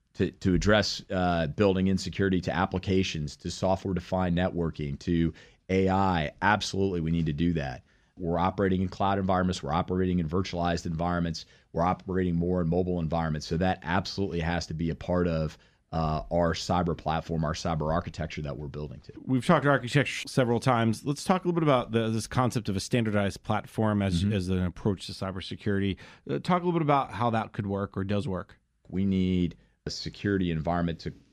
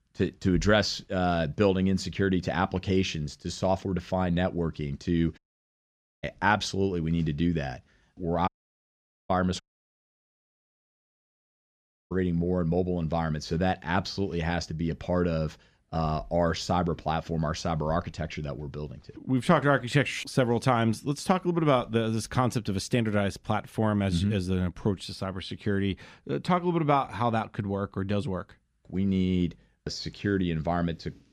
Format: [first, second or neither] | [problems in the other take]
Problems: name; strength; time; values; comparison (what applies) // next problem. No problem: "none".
first | audio cutting out; at 5.5 s for 1 s, at 8.5 s for 1 s and at 9.5 s for 2.5 s